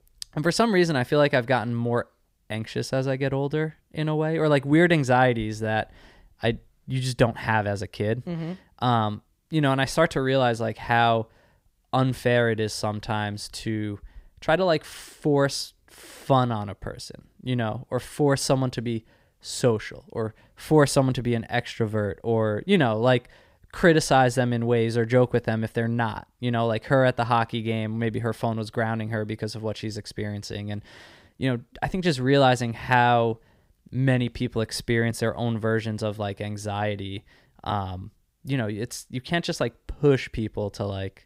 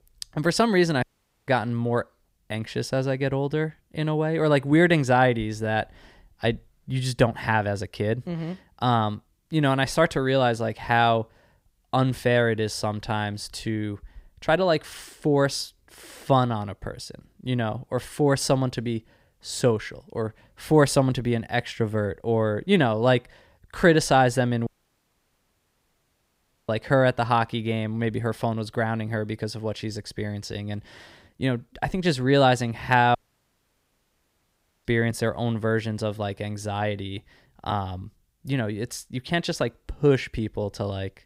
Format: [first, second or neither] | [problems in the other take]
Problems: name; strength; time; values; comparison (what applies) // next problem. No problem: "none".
first | audio cutting out; at 1 s, at 25 s for 2 s and at 33 s for 1.5 s